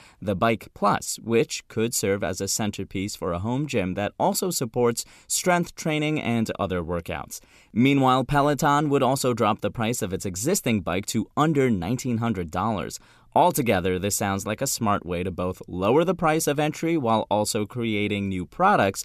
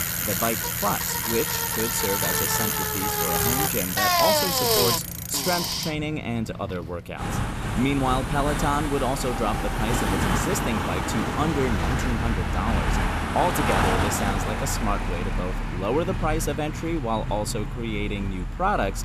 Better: first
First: none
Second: traffic noise; very loud; throughout; 3 dB above the speech

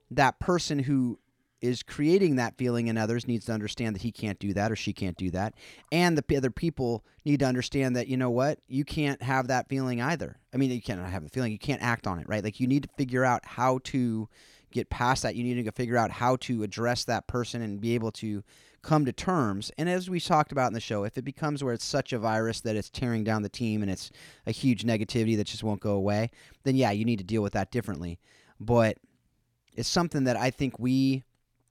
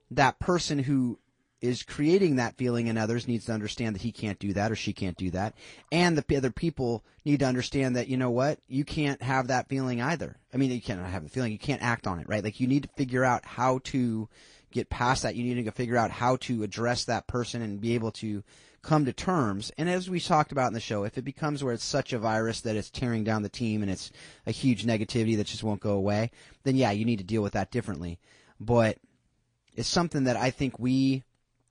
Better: first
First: none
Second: garbled, watery; slightly

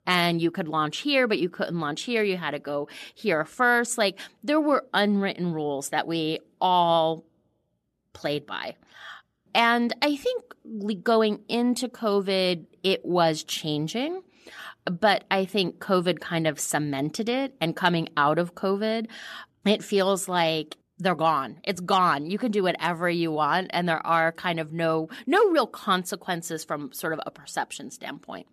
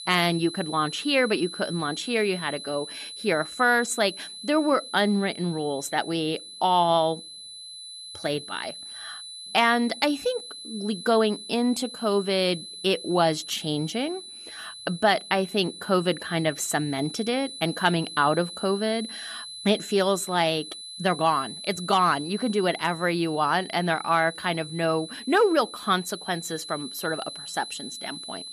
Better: first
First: none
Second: high-pitched whine; noticeable; throughout; 4 kHz, 10 dB below the speech

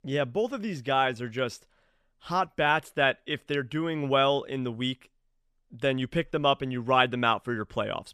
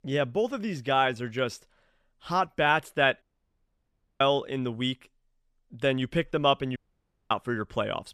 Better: first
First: none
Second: audio cutting out; at 3 s for 1 s and at 7 s for 0.5 s

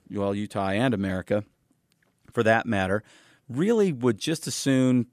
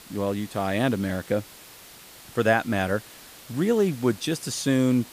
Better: first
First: none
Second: hiss; noticeable; throughout; 20 dB below the speech

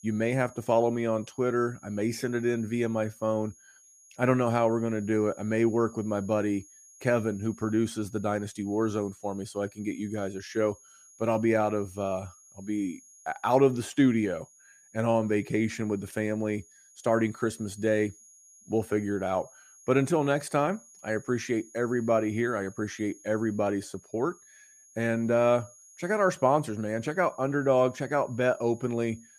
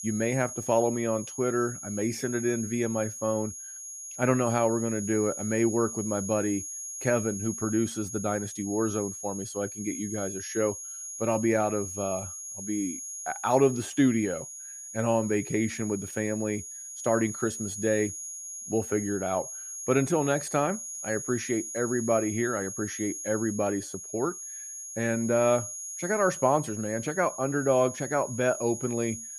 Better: first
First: high-pitched whine; faint; throughout; 6.5 kHz, 25 dB below the speech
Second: high-pitched whine; loud; throughout; 6.5 kHz, 8 dB below the speech

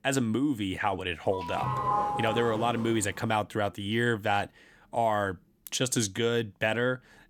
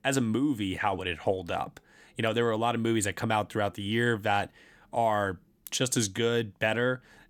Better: second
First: doorbell; loud; from 1.5 to 3 s; peak 1 dB above the speech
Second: none

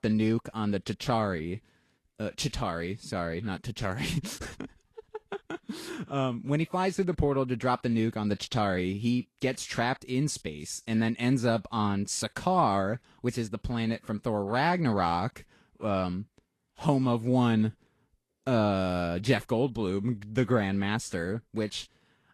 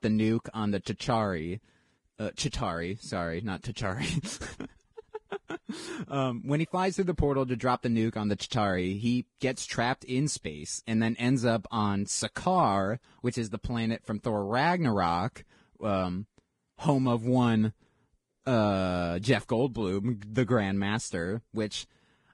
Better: first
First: garbled, watery; slightly; nothing above 13 kHz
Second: garbled, watery; badly

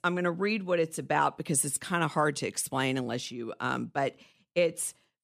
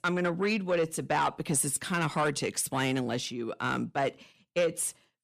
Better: first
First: none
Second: distortion; slight; 10 dB below the speech

